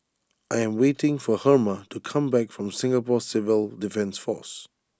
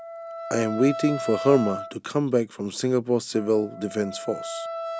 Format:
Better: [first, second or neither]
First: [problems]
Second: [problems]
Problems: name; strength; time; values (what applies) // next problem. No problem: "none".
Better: first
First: none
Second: background sound (Wind instrument, woodwind instrument); 10 dB below the speech